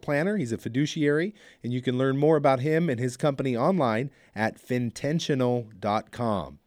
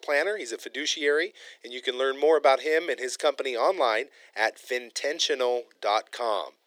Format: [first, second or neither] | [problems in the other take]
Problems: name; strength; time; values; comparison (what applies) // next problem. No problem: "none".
first | thin; very; fading below 400 Hz